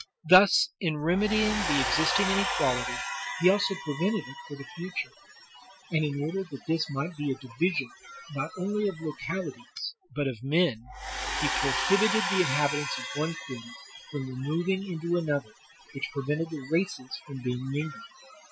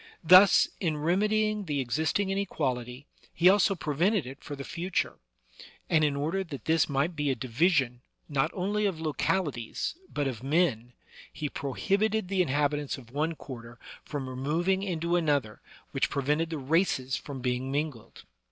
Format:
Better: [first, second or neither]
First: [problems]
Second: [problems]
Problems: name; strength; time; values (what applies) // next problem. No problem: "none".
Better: second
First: noise reduction (classical method Wiener filter)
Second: none